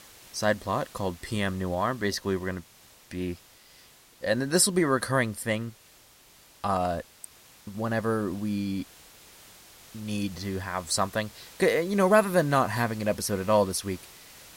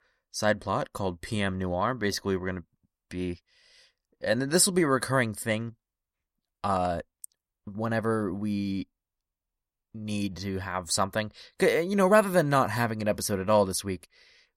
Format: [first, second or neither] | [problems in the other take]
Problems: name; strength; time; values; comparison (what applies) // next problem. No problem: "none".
second | hiss; faint; throughout; 20 dB below the speech